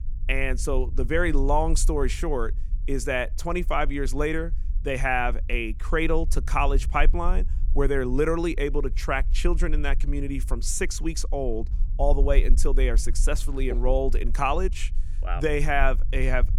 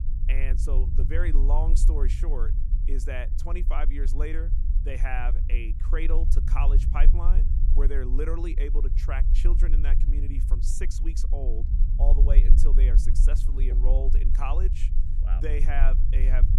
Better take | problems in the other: first | low rumble; loud; throughout; 9 dB below the speech; faint in the first

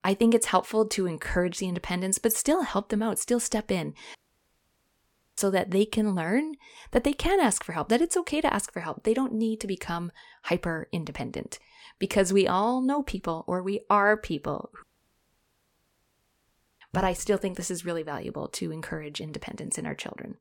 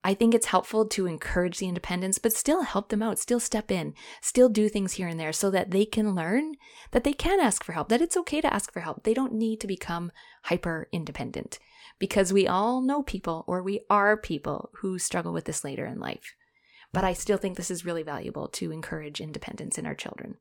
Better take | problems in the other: second | audio cutting out; at 4 s for 1 s and at 15 s for 2 s

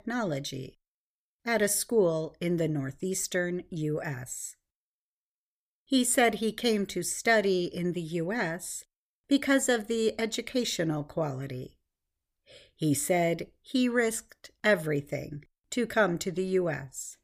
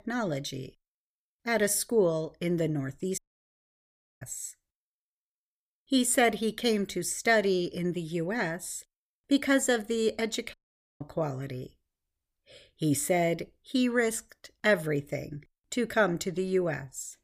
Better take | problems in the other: first | audio cutting out; at 3 s for 1 s and at 11 s

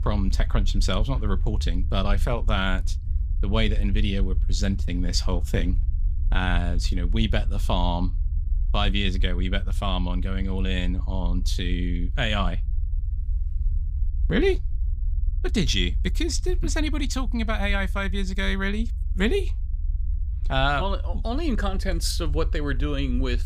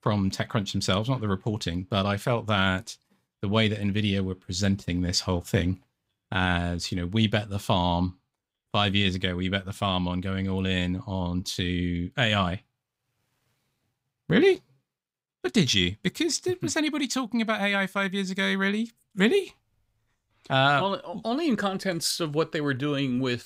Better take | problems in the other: second | low rumble; faint; throughout; 20 dB below the speech

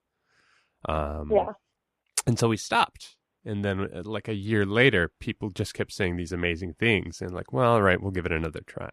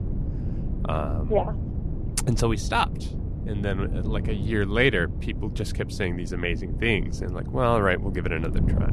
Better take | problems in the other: first | wind noise on the microphone; occasional gusts; 15 dB below the speech

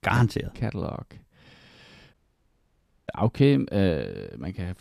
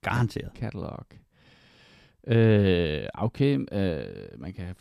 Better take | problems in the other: second | audio cutting out; at 2 s for 1 s

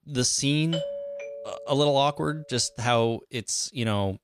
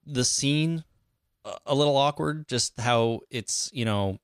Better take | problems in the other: second | doorbell; noticeable; from 0.5 to 2.5 s; peak 7 dB below the speech

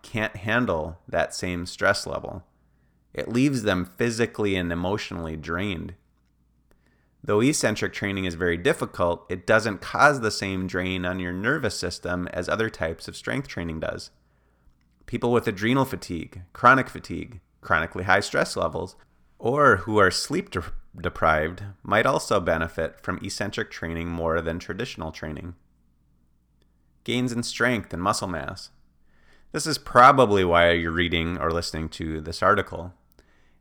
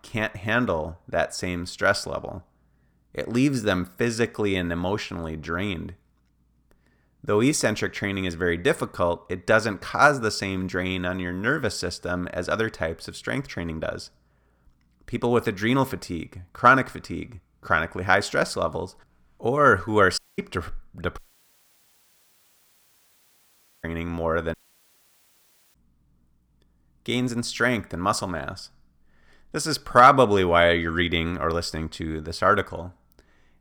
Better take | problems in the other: first | audio cutting out; at 20 s, at 21 s for 2.5 s and at 25 s for 1 s

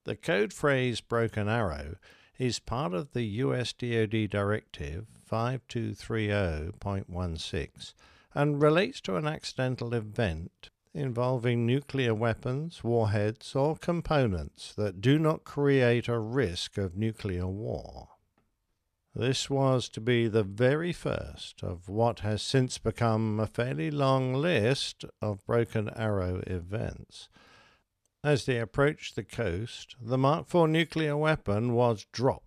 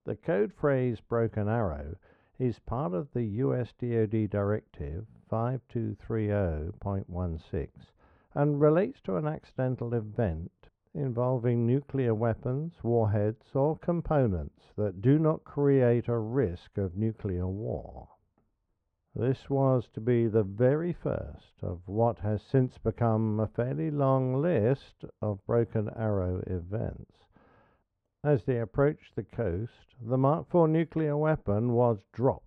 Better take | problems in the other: first | muffled; very; fading above 2.5 kHz

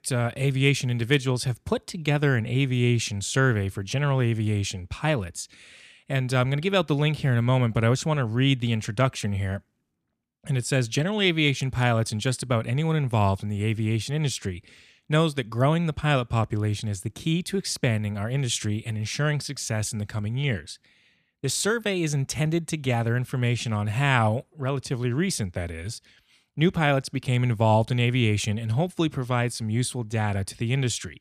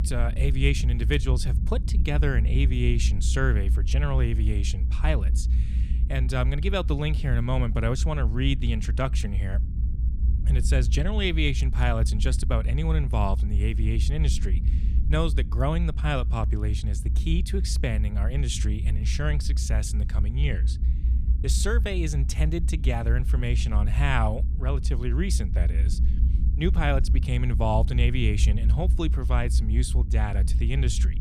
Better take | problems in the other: first | low rumble; noticeable; throughout; 10 dB below the speech

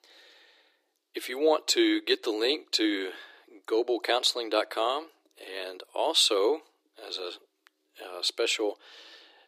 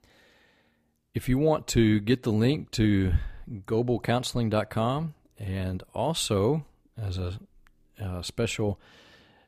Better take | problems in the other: second | thin; very; fading below 300 Hz

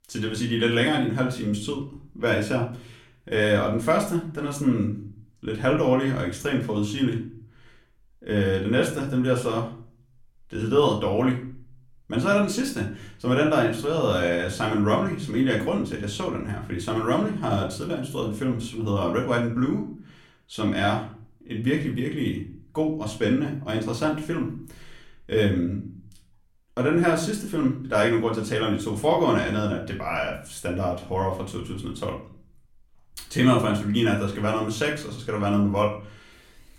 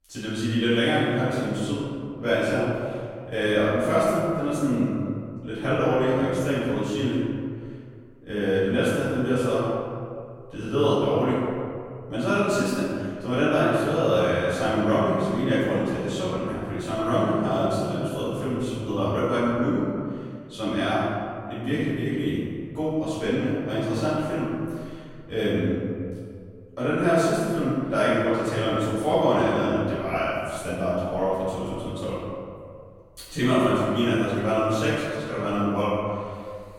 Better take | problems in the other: first | room echo; strong; dies away in 2 s; slight in the first // off-mic speech; far; far in the first

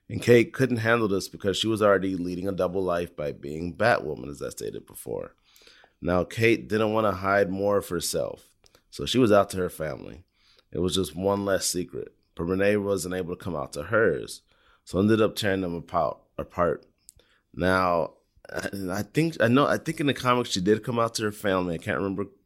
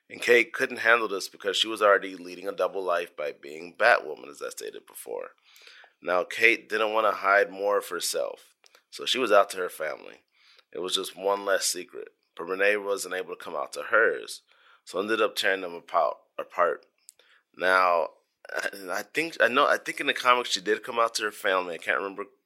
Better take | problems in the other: first | thin; very; fading below 550 Hz

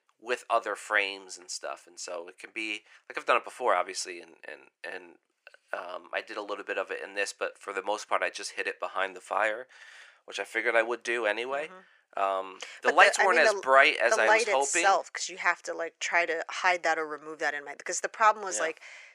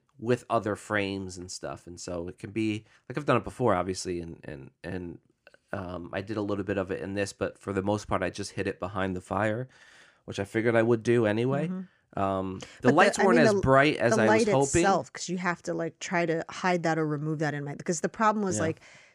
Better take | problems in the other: second | thin; very; fading below 550 Hz

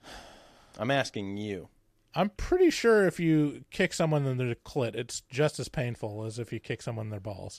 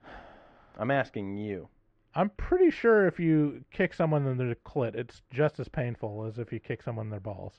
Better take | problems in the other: first | muffled; very; fading above 1.5 kHz

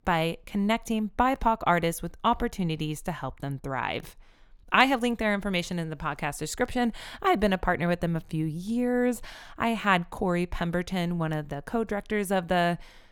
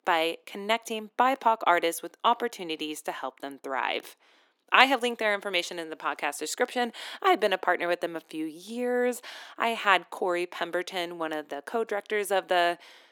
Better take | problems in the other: first | thin; somewhat; fading below 300 Hz

